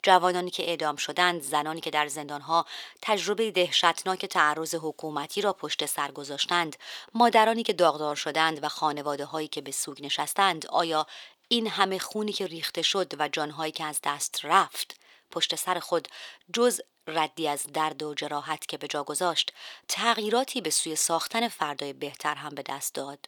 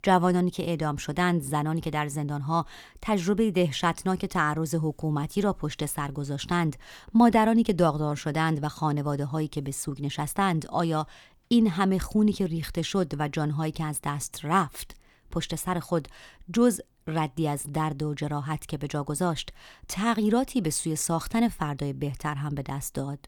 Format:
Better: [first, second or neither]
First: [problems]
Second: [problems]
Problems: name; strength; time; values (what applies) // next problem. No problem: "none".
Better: second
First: thin; very; fading below 500 Hz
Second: none